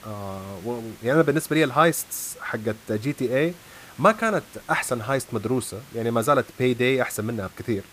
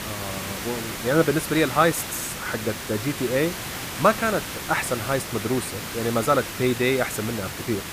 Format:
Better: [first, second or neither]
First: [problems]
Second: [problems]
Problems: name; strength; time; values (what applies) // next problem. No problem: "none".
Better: first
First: hiss; faint; throughout; 25 dB below the speech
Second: hiss; loud; throughout; 6 dB below the speech